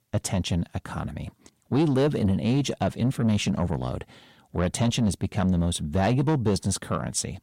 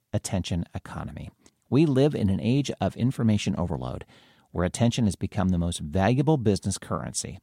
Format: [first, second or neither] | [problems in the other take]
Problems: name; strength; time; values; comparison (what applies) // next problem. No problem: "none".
second | distortion; slight; 10 dB below the speech